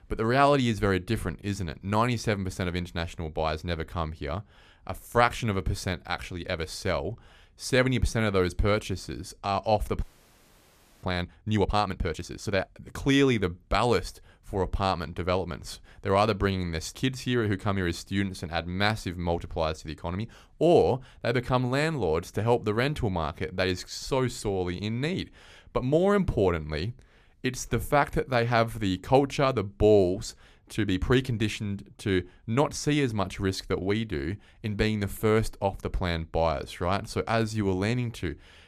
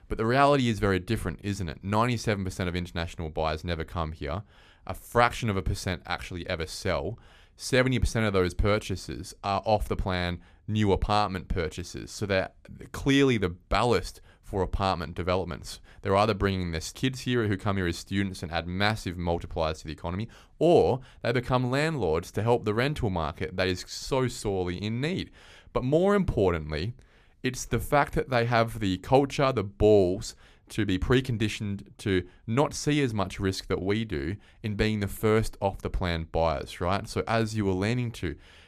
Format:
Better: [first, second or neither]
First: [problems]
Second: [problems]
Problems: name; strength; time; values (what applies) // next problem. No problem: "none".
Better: second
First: audio freezing; at 10 s for 1 s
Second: none